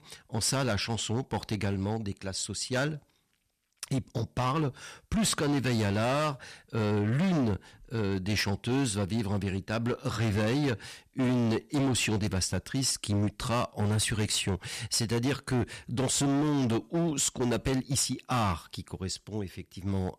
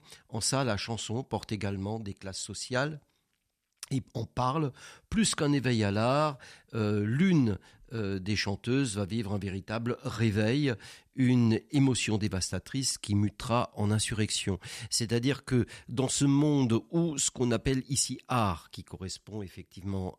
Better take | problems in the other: second | distortion; heavy; 16% of the sound clipped

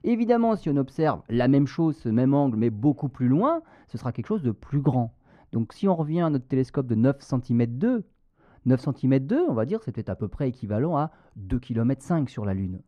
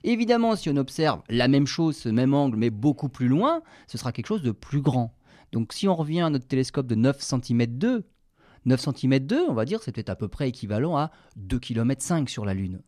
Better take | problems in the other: second | muffled; very; fading above 2 kHz

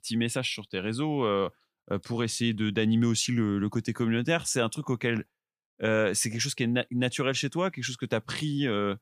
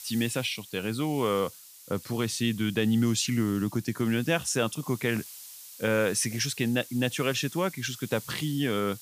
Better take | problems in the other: first | hiss; noticeable; throughout; 15 dB below the speech

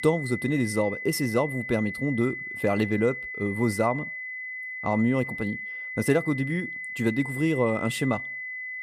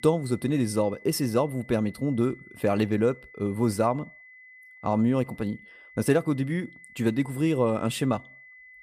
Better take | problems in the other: second | high-pitched whine; loud; throughout; 2 kHz, 6 dB below the speech; faint in the second

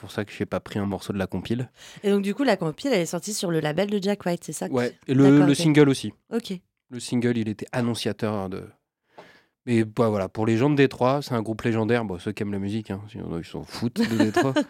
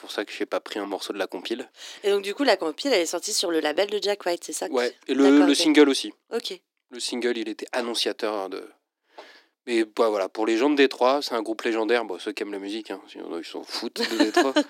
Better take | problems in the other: first | thin; very slightly; fading below 300 Hz

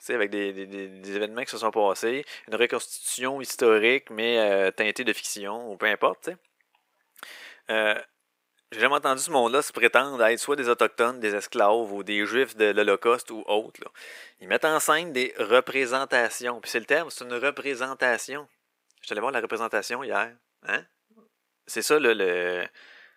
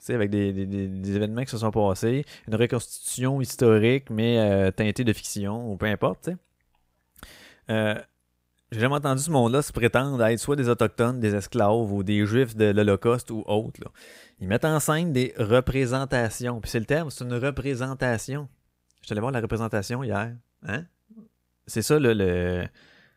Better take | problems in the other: second | thin; very; fading below 350 Hz

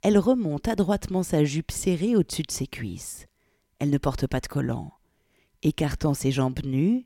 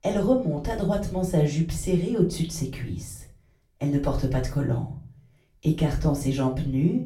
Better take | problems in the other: first | off-mic speech; far // room echo; slight; dies away in 0.4 s

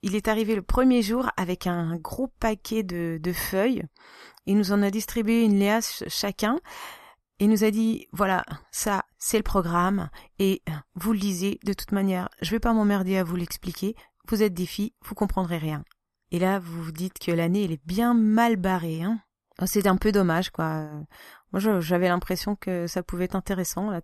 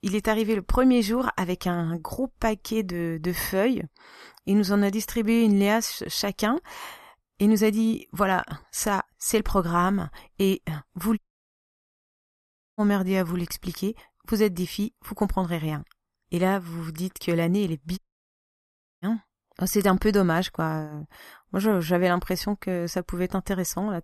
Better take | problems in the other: first | audio cutting out; at 11 s for 1.5 s and at 18 s for 1 s

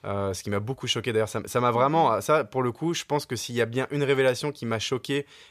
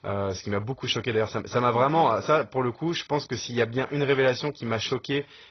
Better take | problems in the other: first | garbled, watery; badly; nothing above 6 kHz

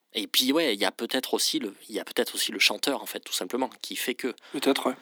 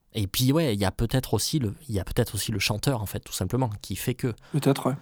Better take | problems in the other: second | thin; somewhat; fading below 250 Hz

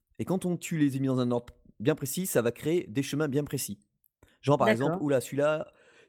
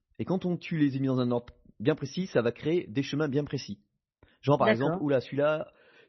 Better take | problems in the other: first | garbled, watery; slightly; nothing above 6 kHz

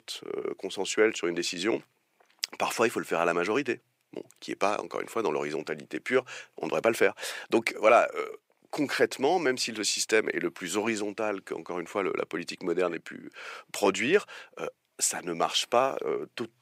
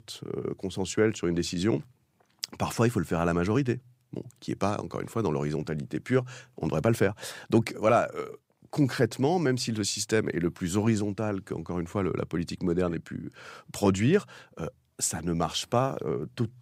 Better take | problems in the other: second | thin; somewhat; fading below 450 Hz

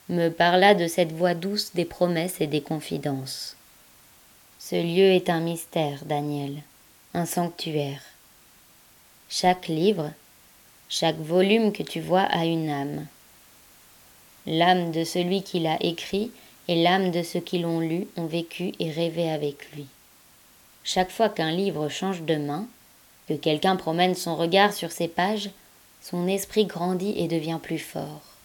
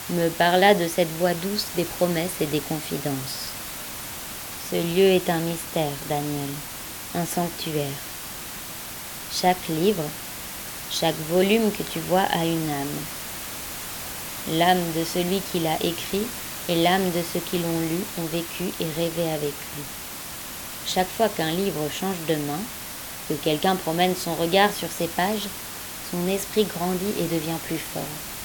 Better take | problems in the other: first | hiss; loud; throughout; 8 dB below the speech; faint in the first

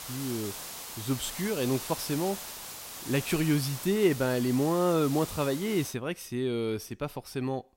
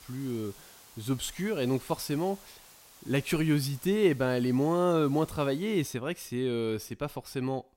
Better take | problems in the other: second | hiss; loud; until 6 s; 9 dB below the speech; faint in the second

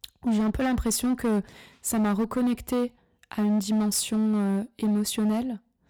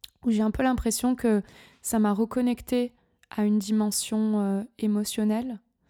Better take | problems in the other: second | distortion; slight; 16% of the sound clipped

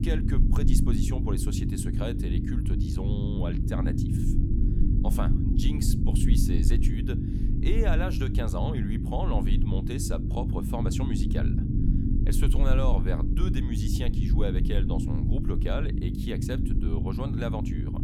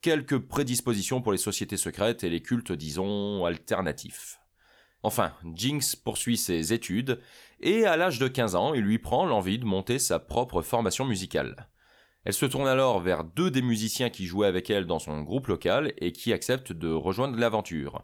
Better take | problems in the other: second | low rumble; loud; throughout; 1 dB below the speech

